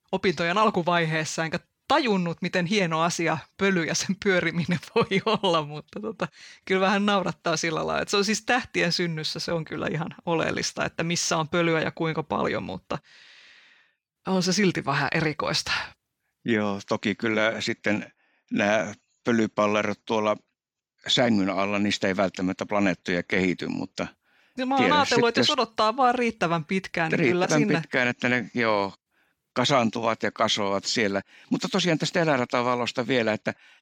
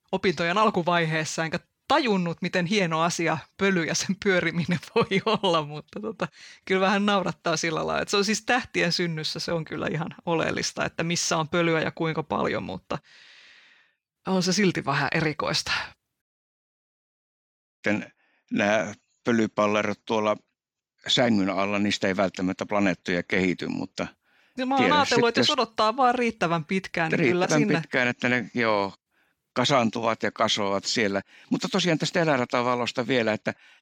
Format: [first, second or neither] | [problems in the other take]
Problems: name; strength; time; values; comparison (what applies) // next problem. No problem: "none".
first | audio cutting out; at 16 s for 1.5 s